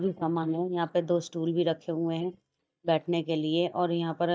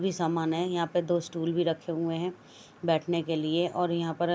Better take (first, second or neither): second